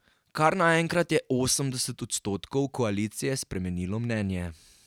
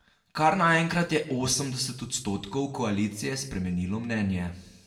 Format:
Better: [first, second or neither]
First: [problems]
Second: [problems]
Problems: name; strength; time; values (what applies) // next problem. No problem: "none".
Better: first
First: none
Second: room echo; dies away in 0.6 s